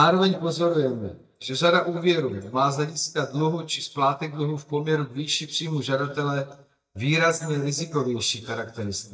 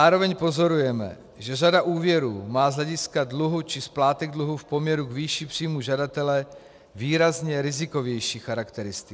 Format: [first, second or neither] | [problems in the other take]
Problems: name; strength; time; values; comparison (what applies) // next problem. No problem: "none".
second | noise reduction (neural mask model DeepFilterNet 3)